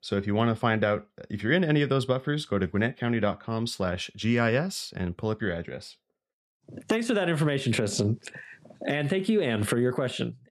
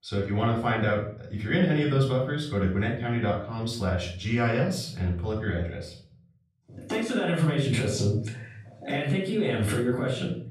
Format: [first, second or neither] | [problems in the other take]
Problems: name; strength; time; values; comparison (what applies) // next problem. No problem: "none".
first | off-mic speech; far // room echo; slight; dies away in 0.6 s